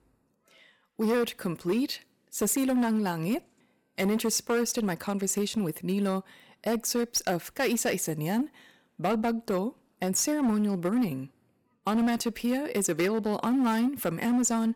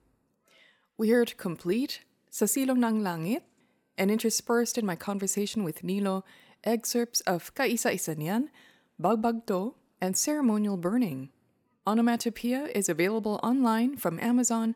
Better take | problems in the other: second | distortion; slight; 9% of the sound clipped

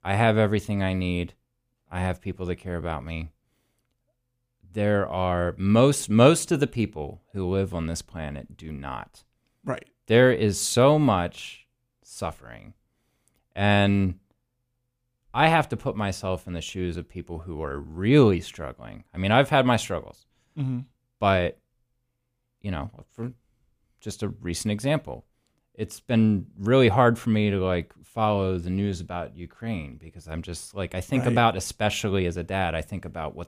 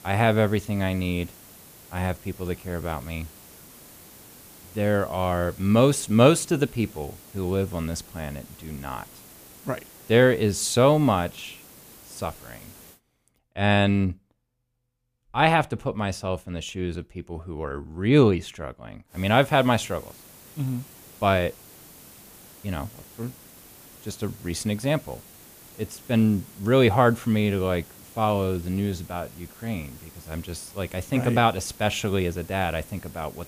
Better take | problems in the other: first | hiss; faint; until 13 s and from 19 s on; 20 dB below the speech

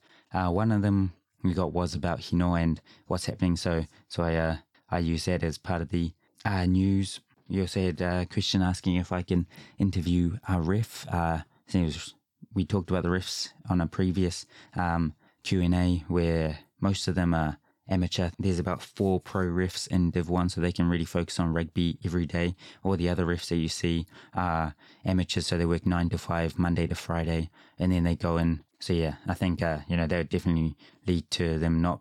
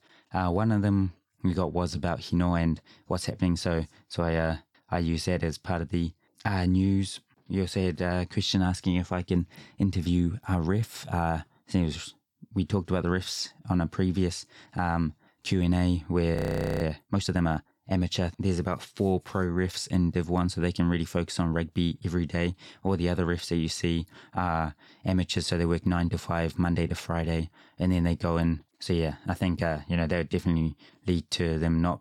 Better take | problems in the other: first | audio freezing; at 16 s

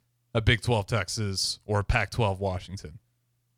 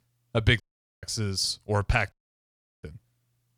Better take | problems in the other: first | audio cutting out; at 0.5 s and at 2 s for 0.5 s

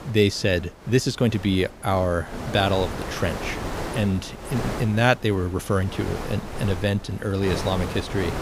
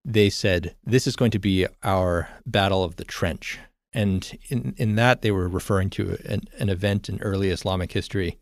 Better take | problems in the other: second | wind noise on the microphone; heavy; 8 dB below the speech

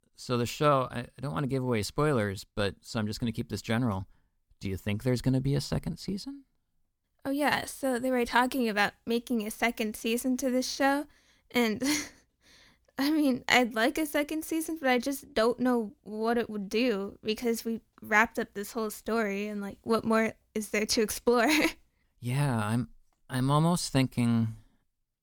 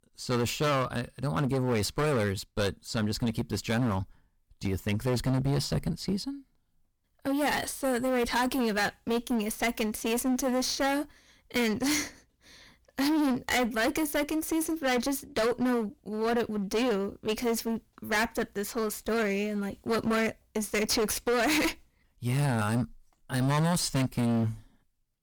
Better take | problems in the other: first | distortion; heavy; 18% of the sound clipped

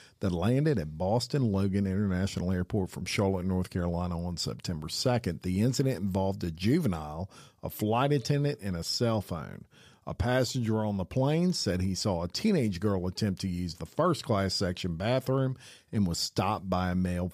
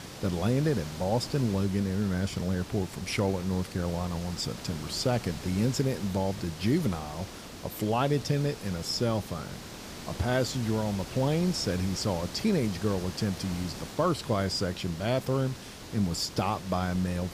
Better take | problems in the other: first | hiss; noticeable; throughout; 10 dB below the speech

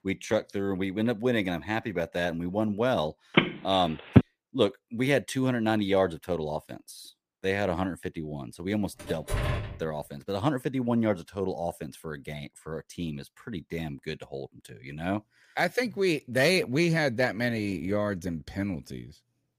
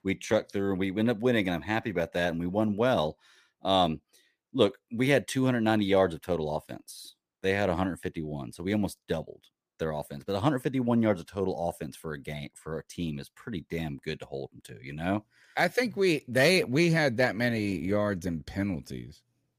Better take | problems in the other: second | phone ringing; loud; at 3.5 s; peak 6 dB above the speech // door banging; noticeable; at 9 s; peak 1 dB below the speech

